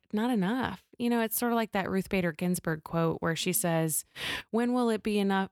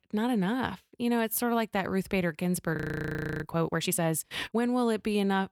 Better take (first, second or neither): first